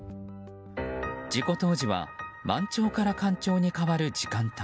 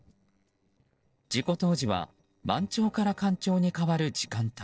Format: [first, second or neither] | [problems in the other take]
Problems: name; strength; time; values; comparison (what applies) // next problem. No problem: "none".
first | noise reduction (neural separator model SepFormer DNS4)